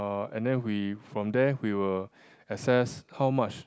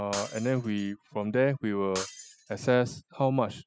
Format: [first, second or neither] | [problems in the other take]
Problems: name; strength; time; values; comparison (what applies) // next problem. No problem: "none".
first | noise reduction (classical method spectral subtraction)